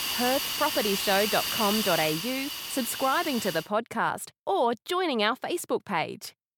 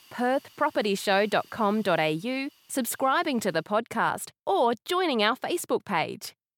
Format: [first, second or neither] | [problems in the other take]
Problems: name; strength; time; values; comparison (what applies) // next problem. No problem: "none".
second | hiss; loud; until 3.5 s; 1 dB below the speech; faint in the second